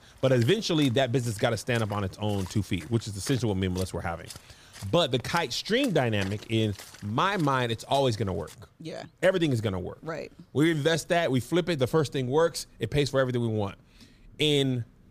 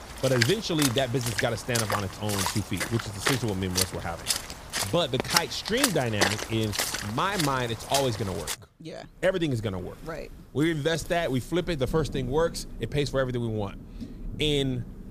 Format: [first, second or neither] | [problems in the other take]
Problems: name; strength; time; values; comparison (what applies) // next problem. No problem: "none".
first | rain or running water; loud; throughout; 2 dB below the speech; faint in the first